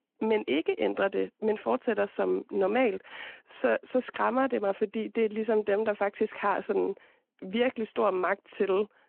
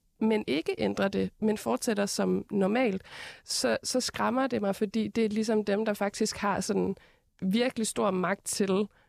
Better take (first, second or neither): second